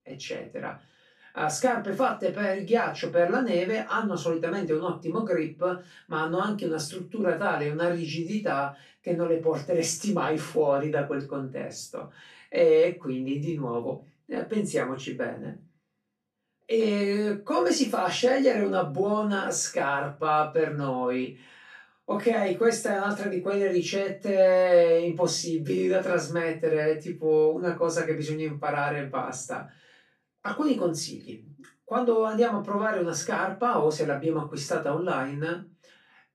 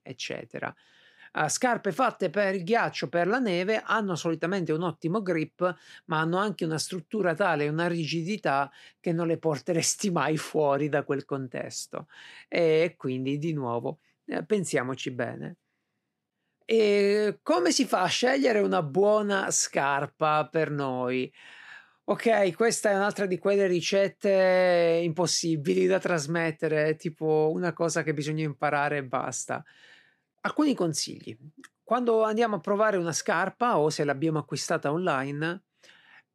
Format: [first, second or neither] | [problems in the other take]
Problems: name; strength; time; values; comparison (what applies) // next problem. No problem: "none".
second | off-mic speech; far // room echo; slight; dies away in 0.3 s